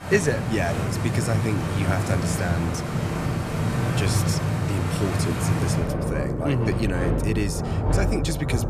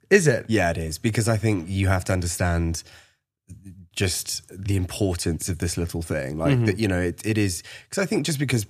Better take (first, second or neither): second